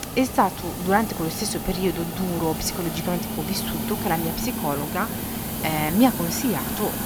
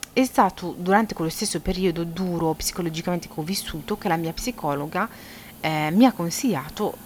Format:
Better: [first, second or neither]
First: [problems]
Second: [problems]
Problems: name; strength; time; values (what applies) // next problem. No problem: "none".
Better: second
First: hiss; loud; throughout; 4 dB below the speech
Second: hiss; faint; throughout; 20 dB below the speech